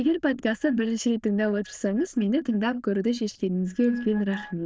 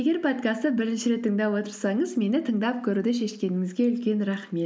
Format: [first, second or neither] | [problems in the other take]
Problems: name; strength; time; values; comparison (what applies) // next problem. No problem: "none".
second | noise reduction (neural diffusion model UNIVERSE++)